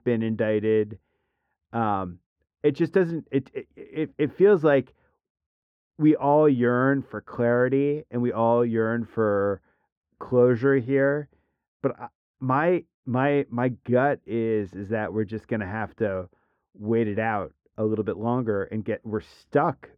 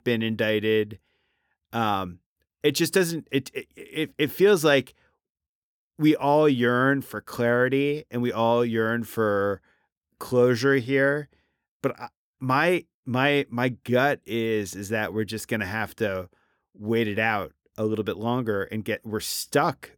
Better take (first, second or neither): second